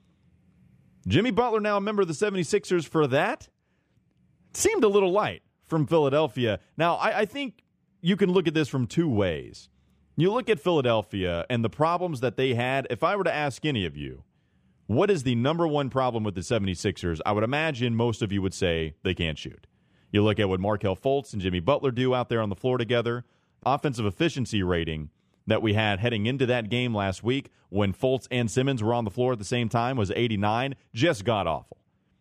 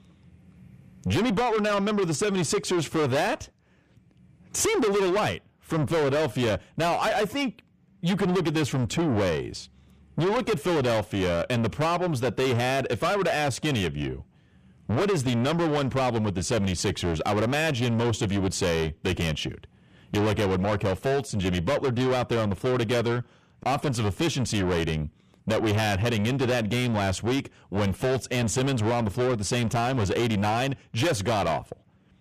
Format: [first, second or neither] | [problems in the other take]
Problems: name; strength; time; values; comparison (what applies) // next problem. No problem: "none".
first | distortion; heavy; 6 dB below the speech